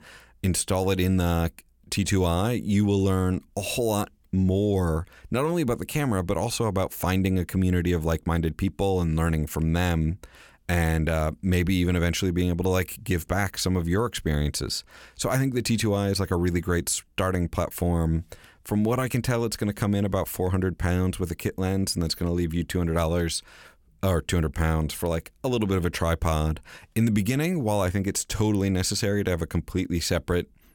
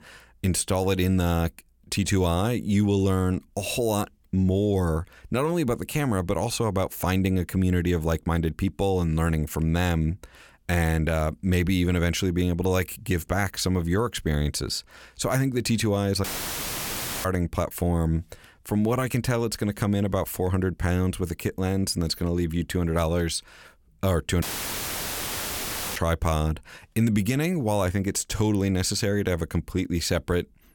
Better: first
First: none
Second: audio cutting out; filled with static; at 16 s for 1 s and at 24 s for 1.5 s

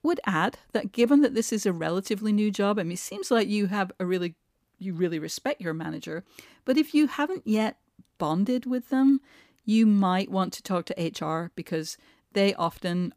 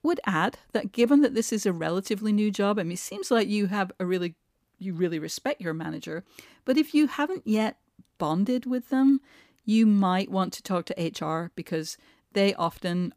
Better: neither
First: none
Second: none

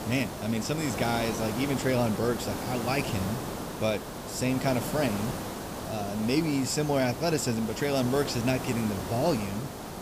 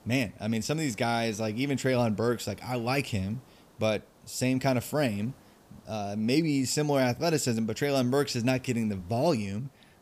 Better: second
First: hiss; loud; throughout; 6 dB below the speech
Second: hiss; faint; throughout; 30 dB below the speech

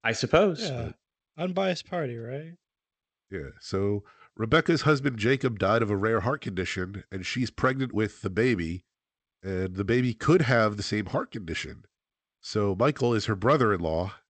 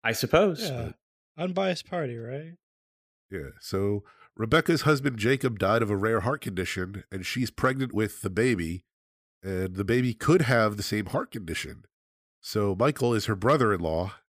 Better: second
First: garbled, watery; slightly; nothing above 8 kHz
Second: none

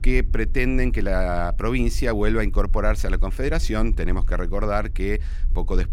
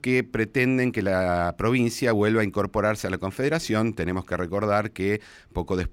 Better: second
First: low rumble; faint; throughout; 25 dB below the speech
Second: none

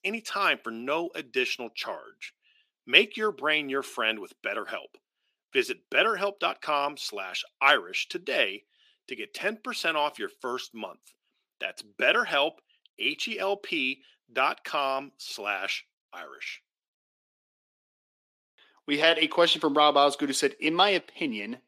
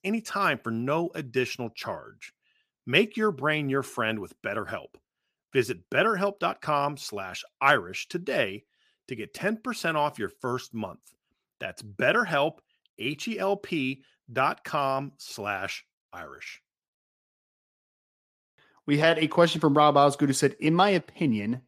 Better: second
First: thin; very slightly; fading below 300 Hz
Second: none

